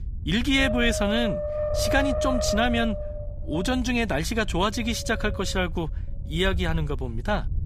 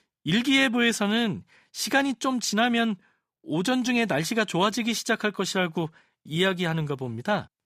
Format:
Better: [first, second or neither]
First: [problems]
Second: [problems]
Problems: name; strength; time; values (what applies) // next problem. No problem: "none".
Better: second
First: wind noise on the microphone; heavy; 3 dB below the speech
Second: none